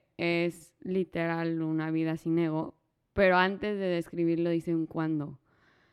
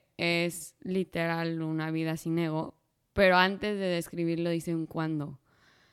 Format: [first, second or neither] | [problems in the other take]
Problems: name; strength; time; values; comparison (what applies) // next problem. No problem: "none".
second | muffled; very slightly; fading above 4 kHz